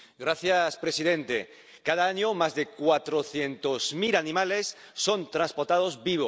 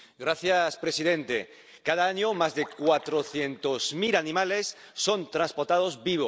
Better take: first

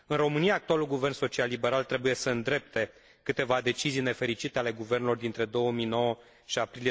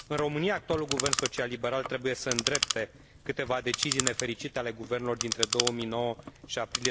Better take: first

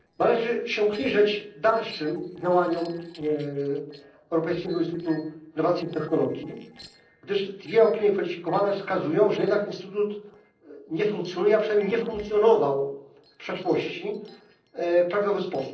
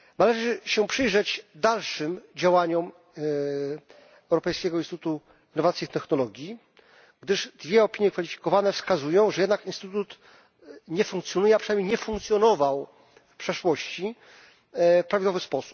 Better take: second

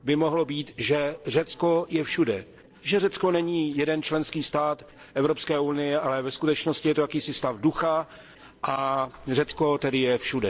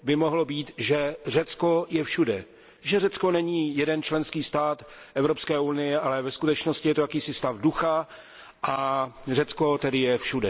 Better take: second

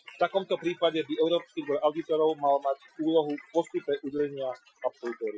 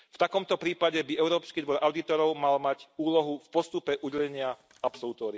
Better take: second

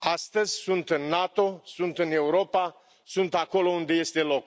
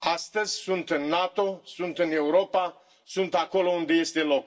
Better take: first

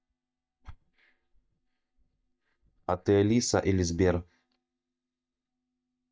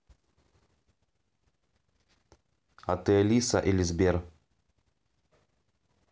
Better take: second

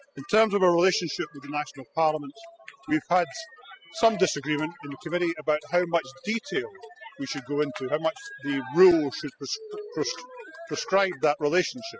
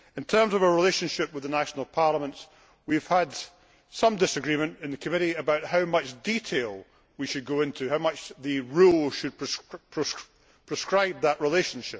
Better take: second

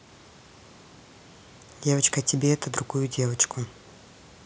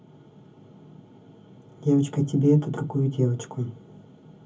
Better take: first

